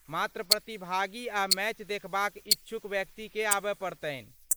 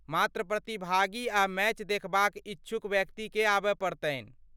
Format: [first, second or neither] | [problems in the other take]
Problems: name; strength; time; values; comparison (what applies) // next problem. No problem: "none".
second | noise reduction (neural mask model Resemble Enhance denoiser)